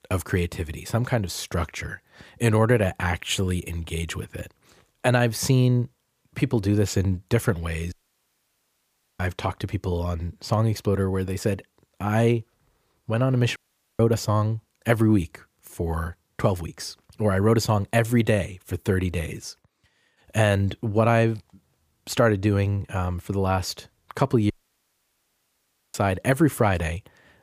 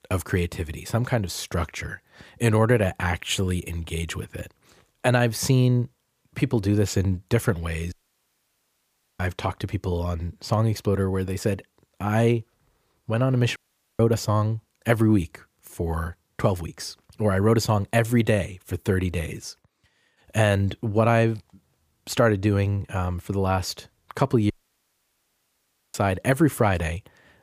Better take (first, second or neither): neither